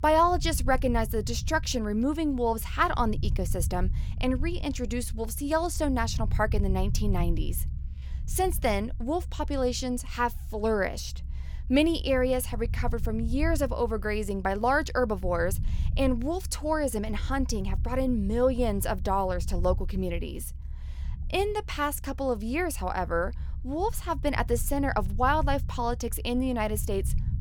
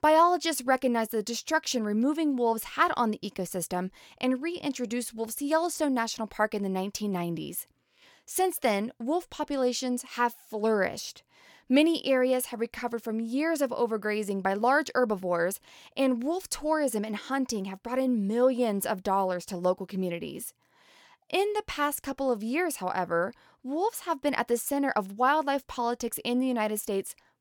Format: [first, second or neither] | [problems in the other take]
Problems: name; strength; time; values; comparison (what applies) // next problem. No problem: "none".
second | low rumble; faint; throughout; 25 dB below the speech